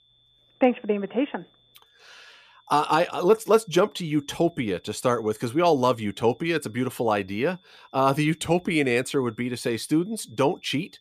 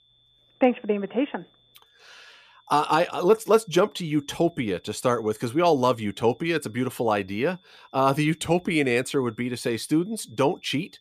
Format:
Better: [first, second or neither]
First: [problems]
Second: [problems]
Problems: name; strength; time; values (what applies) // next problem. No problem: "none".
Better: neither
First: high-pitched whine; faint; throughout; 3.5 kHz, 35 dB below the speech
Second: high-pitched whine; faint; throughout; 3.5 kHz, 35 dB below the speech